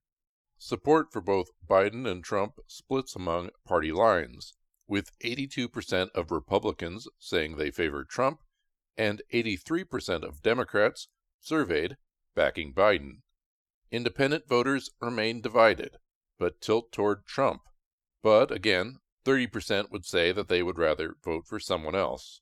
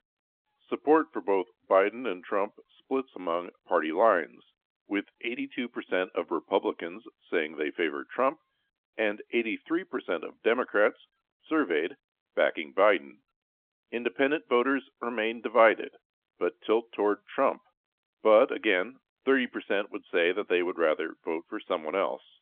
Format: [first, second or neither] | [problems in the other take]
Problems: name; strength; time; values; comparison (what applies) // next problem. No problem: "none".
first | phone-call audio; nothing above 3.5 kHz